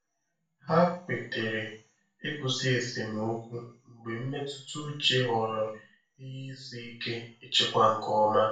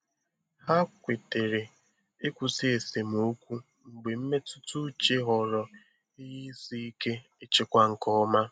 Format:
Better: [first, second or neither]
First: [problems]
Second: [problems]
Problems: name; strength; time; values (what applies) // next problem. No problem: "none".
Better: second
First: room echo; dies away in 0.3 s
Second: none